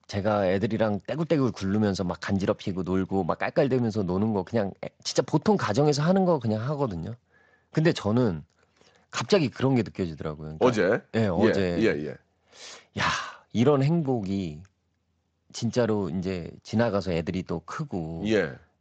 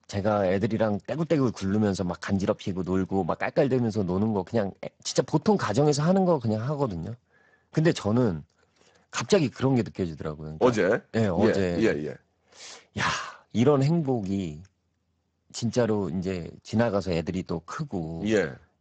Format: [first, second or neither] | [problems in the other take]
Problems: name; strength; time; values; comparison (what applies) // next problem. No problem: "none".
first | garbled, watery; badly; nothing above 8 kHz; slightly in the first